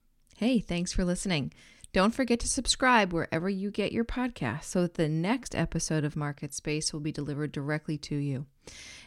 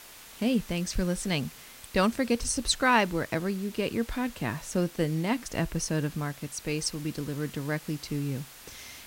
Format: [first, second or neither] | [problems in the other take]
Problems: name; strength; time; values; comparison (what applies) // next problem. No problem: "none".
first | hiss; noticeable; throughout; 15 dB below the speech